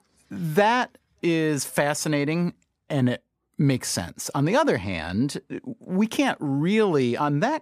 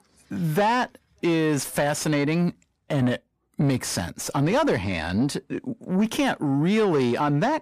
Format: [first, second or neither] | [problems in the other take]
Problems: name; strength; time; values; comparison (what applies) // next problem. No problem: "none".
first | distortion; slight; 10 dB below the speech